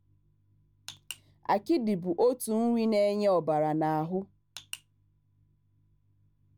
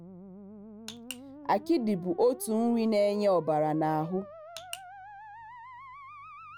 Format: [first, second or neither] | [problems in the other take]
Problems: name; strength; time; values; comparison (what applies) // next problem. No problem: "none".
first | background sound (Musical instrument); 16 dB below the speech